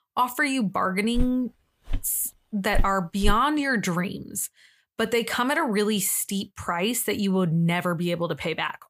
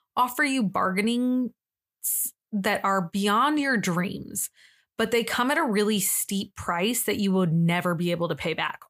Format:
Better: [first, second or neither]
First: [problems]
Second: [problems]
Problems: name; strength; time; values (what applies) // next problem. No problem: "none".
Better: second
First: footsteps; noticeable; from 1 to 3.5 s; peak 8 dB below the speech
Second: none